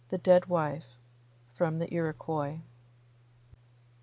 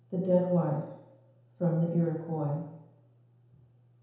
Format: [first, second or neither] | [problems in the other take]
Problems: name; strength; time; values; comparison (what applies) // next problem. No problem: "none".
first | room echo; dies away in 0.9 s